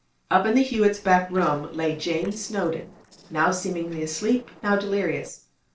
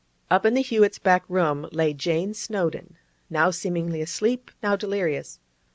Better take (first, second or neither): second